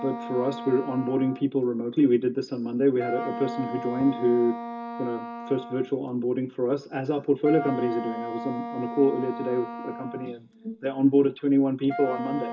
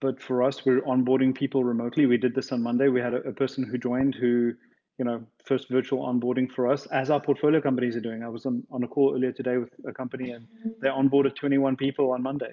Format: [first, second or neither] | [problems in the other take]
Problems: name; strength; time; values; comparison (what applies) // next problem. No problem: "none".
second | background sound (Wind instrument, woodwind instrument); 10 dB below the speech // room echo; dies away in 0.2 s